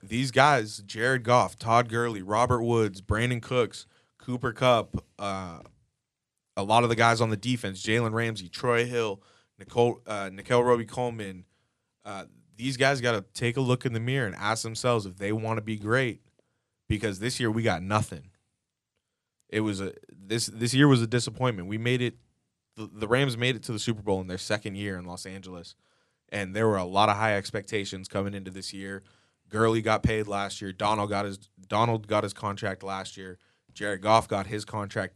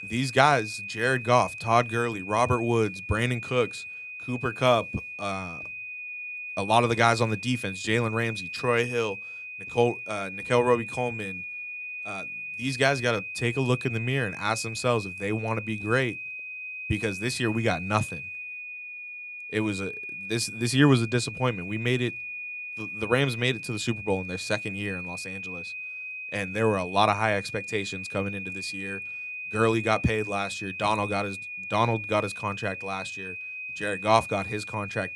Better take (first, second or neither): first